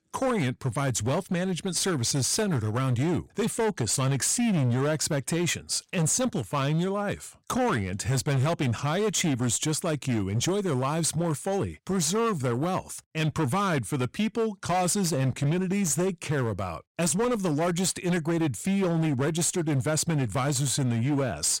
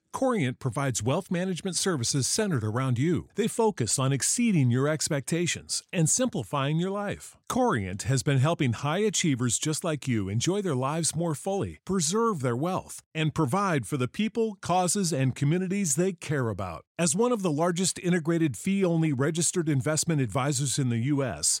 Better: second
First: distortion; slight; 18% of the sound clipped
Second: none

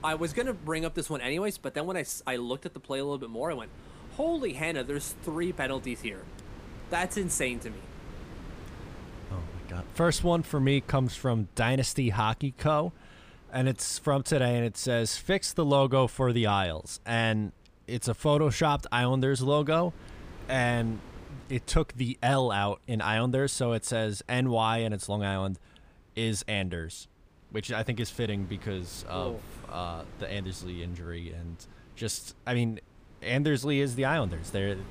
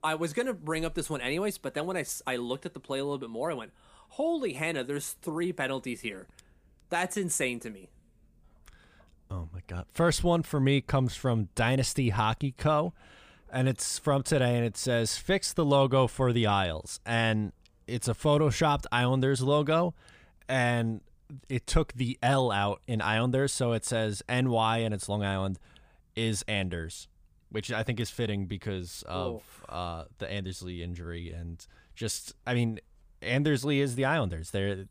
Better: second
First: wind noise on the microphone; occasional gusts; 25 dB below the speech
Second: none

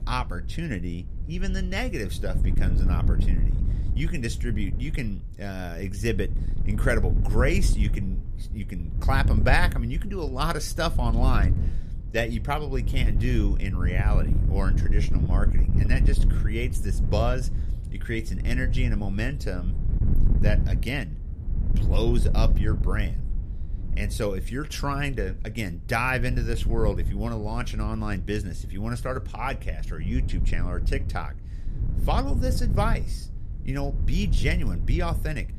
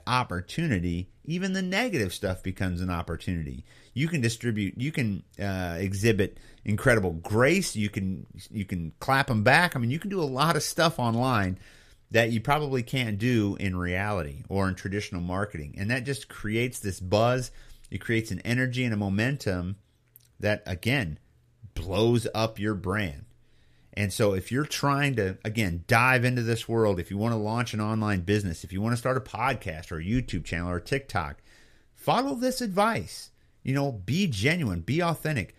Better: second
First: wind noise on the microphone; occasional gusts; 10 dB below the speech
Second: none

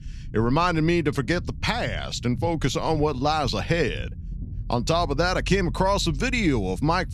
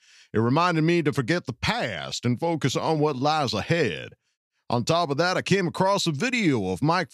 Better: second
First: low rumble; faint; throughout; 25 dB below the speech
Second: none

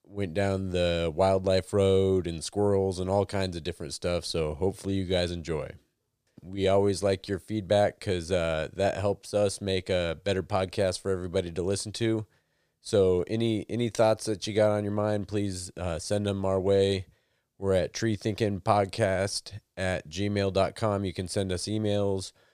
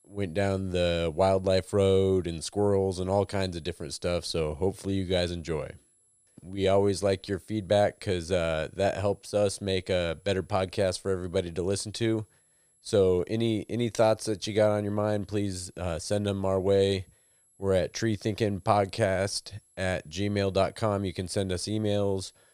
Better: first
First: none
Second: high-pitched whine; faint; throughout; 11 kHz, 35 dB below the speech

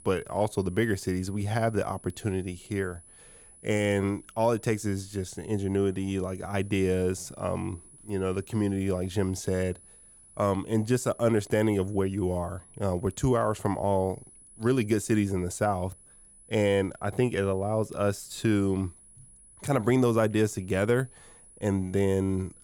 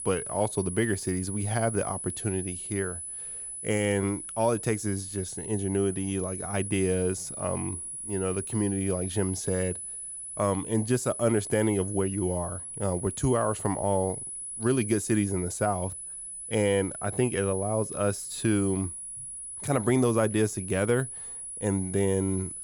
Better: first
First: high-pitched whine; faint; throughout; 10 kHz, 25 dB below the speech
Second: high-pitched whine; loud; throughout; 10 kHz, 6 dB below the speech

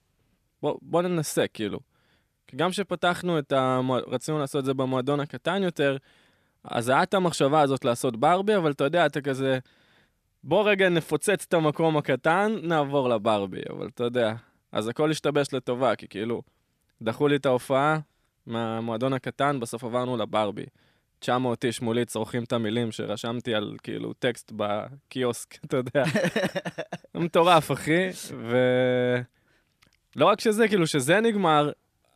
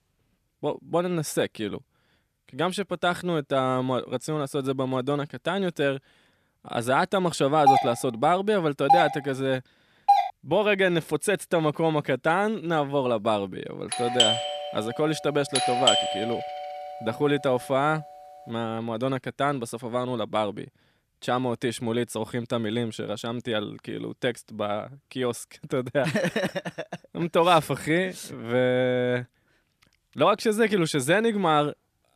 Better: first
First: none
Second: doorbell; loud; from 7.5 to 10 s and from 14 to 16 s; peak 5 dB above the speech

